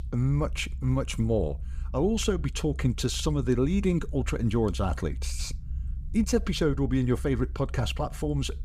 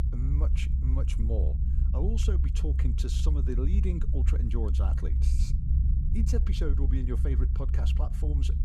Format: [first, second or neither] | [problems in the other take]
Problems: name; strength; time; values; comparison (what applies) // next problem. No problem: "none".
first | low rumble; loud; throughout; 4 dB below the speech; faint in the first